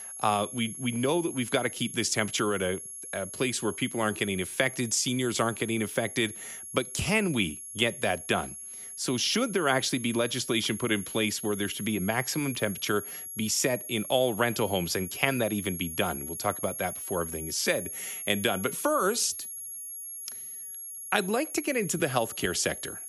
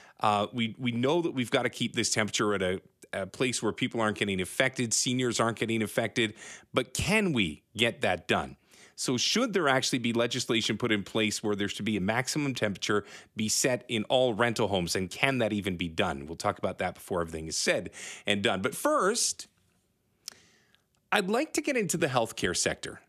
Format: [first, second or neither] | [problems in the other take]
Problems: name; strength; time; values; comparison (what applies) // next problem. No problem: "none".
second | high-pitched whine; loud; throughout; 11.5 kHz, 9 dB below the speech